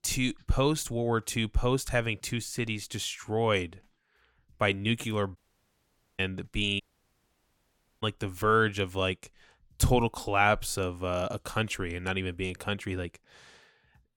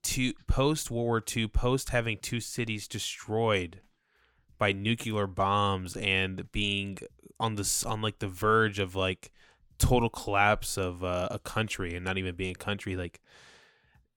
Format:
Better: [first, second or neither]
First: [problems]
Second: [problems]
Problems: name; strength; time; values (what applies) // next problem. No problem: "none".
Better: second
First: audio cutting out; at 5.5 s for 1 s and at 7 s for 1 s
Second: none